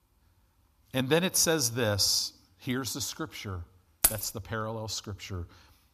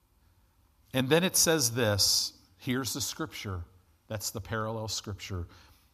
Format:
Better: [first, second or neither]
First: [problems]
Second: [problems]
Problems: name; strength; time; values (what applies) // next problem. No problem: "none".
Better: second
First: jangling keys; loud; at 4 s; peak 4 dB above the speech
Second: none